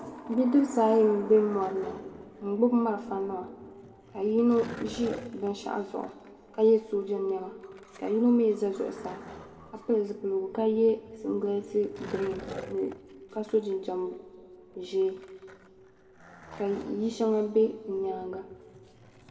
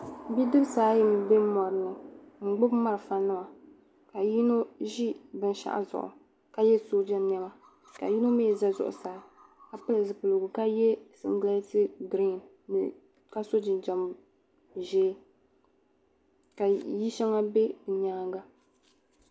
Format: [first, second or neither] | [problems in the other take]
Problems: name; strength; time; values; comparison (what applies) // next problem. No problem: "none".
second | background sound (Skateboard); 20 dB below the speech // room echo; dies away in 2 s